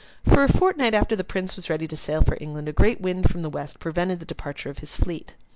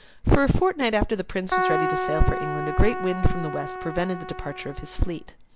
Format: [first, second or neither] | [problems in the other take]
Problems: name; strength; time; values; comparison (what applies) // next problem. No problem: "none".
first | background sound (Keyboard (musical)); 5 dB below the speech